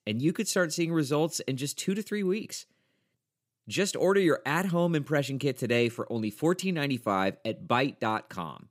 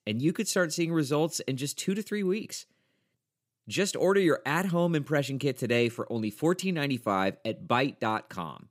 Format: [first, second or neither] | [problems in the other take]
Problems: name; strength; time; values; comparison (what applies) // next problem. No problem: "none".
neither | none